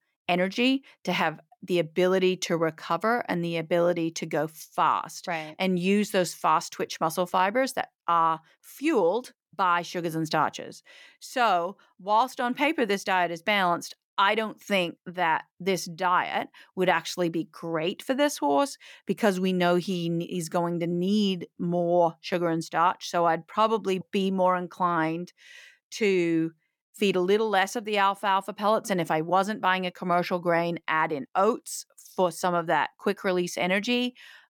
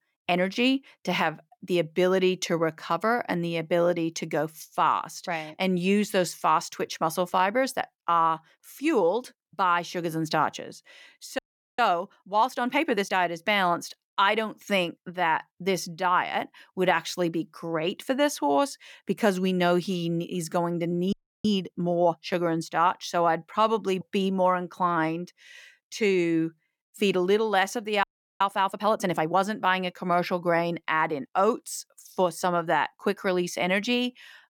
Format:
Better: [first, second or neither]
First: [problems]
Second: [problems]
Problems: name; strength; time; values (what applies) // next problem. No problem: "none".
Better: first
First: none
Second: audio freezing; at 11 s, at 21 s and at 28 s